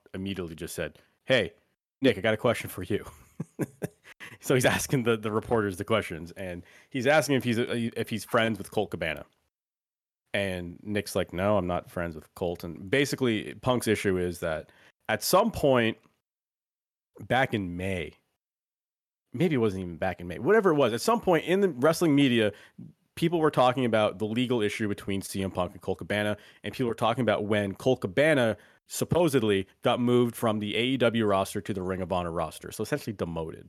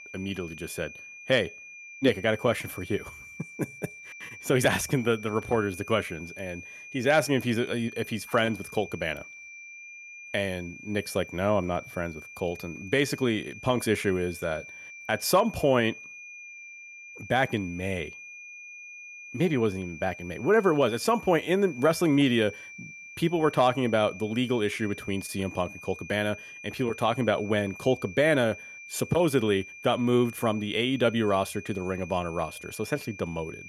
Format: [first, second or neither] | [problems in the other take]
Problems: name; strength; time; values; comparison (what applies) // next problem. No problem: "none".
first | high-pitched whine; noticeable; throughout; 2.5 kHz, 15 dB below the speech